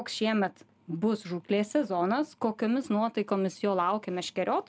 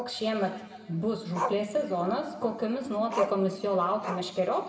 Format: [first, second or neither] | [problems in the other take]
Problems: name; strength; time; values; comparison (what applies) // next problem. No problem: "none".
first | background sound (Growling); 8 dB below the speech // room echo; dies away in 1.8 s